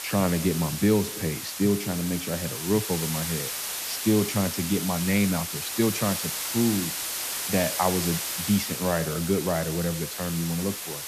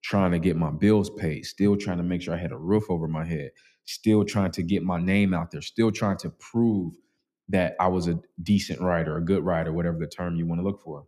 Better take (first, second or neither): second